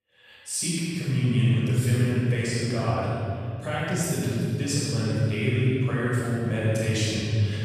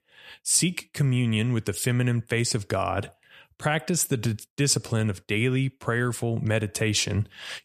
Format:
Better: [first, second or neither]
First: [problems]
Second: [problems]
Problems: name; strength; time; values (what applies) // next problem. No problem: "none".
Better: second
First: off-mic speech; far // room echo; strong; dies away in 3 s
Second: none